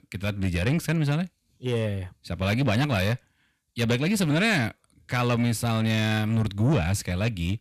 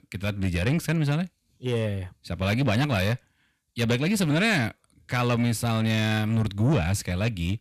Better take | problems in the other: neither | distortion; slight; 10 dB below the speech; the same in both

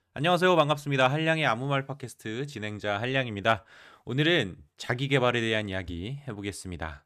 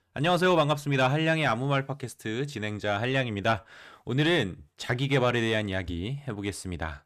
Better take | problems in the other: first | distortion; slight; 10 dB below the speech

